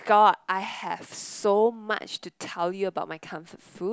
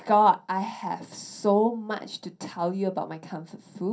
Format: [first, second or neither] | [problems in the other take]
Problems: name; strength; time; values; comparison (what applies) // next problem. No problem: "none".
first | room echo; dies away in 0.3 s